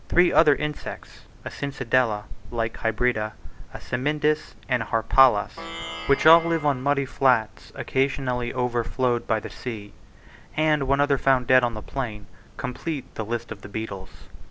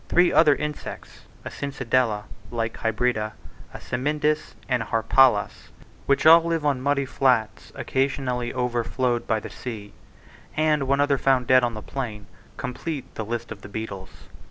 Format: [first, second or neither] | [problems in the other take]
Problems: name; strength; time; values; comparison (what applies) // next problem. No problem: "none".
second | background sound (Plucked string instrument); 12 dB below the speech